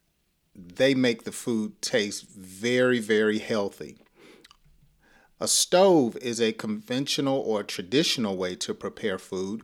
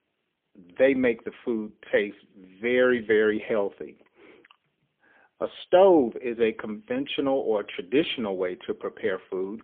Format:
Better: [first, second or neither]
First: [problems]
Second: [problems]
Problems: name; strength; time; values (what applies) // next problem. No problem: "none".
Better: first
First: none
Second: phone-call audio; poor line; nothing above 3.5 kHz